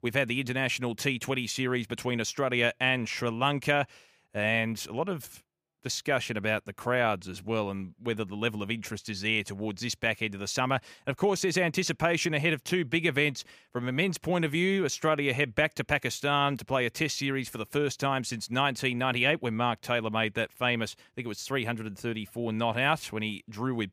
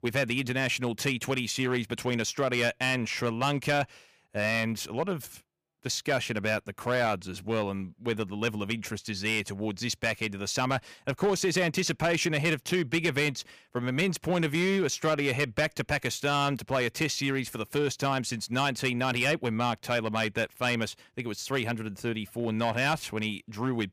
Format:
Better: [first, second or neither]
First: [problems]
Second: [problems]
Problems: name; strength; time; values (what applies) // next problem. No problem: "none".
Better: first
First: none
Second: distortion; slight; 4% of the sound clipped